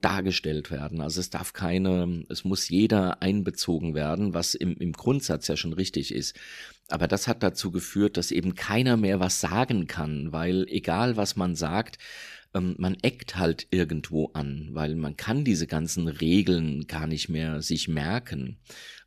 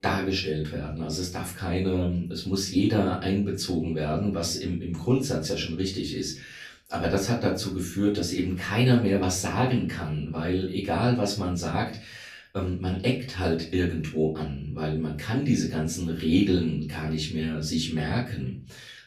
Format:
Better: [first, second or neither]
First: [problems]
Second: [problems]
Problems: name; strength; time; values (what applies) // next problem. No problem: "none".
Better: first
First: none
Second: off-mic speech; far // room echo; slight; dies away in 0.4 s